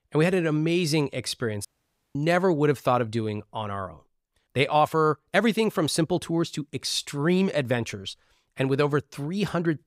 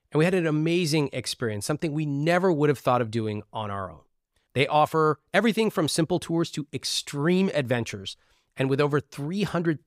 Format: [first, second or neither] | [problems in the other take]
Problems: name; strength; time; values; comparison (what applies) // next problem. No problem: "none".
second | audio cutting out; at 1.5 s for 0.5 s